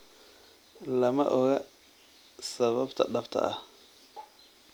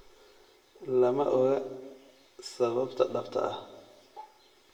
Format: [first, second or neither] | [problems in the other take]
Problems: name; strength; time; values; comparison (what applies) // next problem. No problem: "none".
first | room echo; dies away in 0.9 s